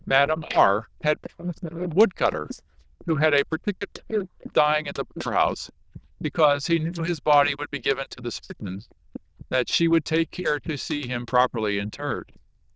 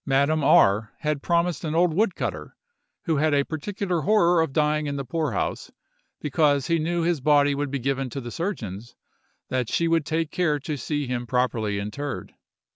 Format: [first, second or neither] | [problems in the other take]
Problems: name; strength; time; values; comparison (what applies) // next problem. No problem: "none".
second | noise reduction (neural diffusion model UNIVERSE++)